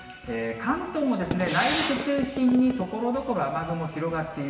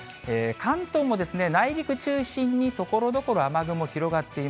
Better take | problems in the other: second | background sound (Gunshot, gunfire); 6 dB below the speech // room echo; dies away in 1 s

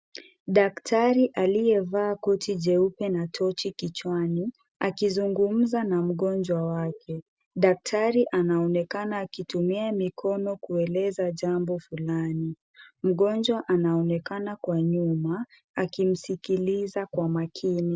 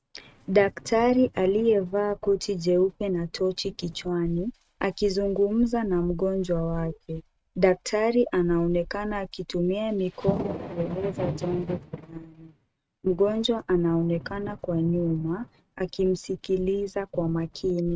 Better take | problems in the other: first | noise reduction (neural mask model RNNoise)

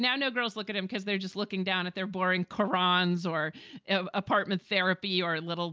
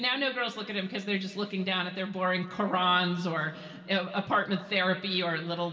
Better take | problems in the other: first | room echo; dies away in 2.5 s

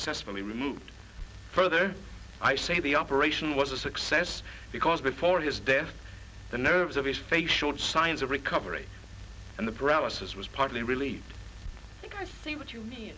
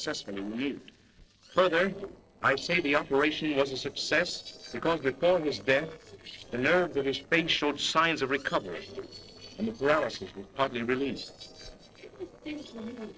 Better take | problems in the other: first | noise reduction (neural separator model SepFormer DNS4)

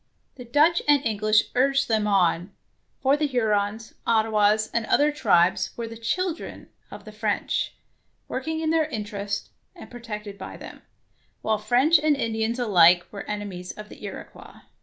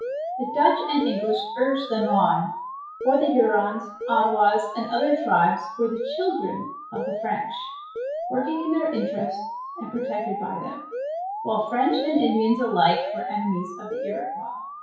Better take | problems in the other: first | noise reduction (classical method WPE with log-MMSE)

